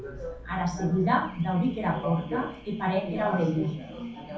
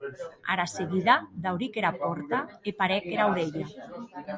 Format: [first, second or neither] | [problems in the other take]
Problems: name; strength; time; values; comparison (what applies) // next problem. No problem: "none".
second | background sound (Alarm / Car); 19 dB below the speech // room echo; dies away in 0.5 s